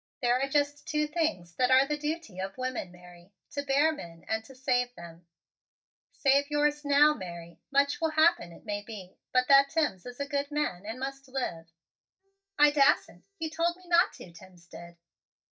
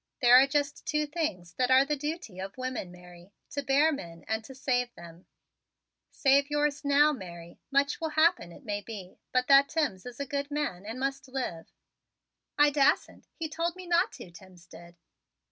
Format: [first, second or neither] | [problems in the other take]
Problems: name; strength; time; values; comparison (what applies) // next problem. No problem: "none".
second | noise reduction (neural mask model DeepFilterNet 3)